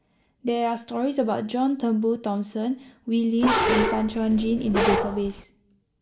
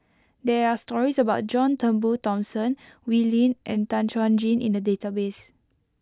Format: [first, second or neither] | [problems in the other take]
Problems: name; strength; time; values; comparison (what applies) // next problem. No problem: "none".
second | background sound (Bark); as loud as the speech // room echo; dies away in 0.4 s